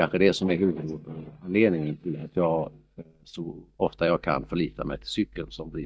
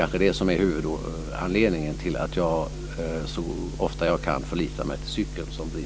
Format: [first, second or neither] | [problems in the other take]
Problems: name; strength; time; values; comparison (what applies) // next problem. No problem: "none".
second | noise reduction (neural mask model DeepFilterNet 3)